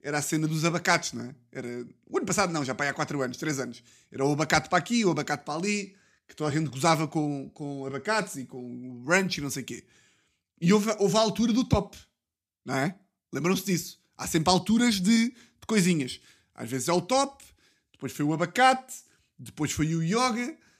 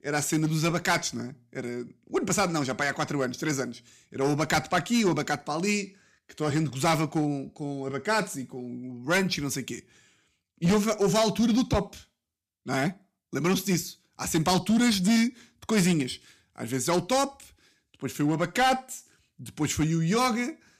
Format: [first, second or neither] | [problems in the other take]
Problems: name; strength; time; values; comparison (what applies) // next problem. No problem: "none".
first | distortion; slight; 5% of the sound clipped